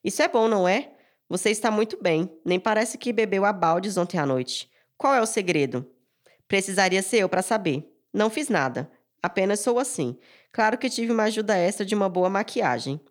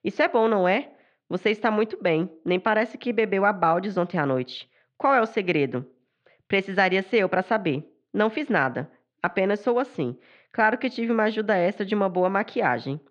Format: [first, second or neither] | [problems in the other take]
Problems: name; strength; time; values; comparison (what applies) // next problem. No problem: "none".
first | muffled; slightly; fading above 3.5 kHz